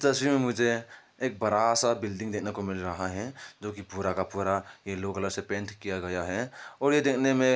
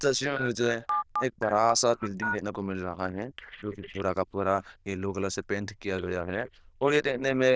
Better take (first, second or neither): first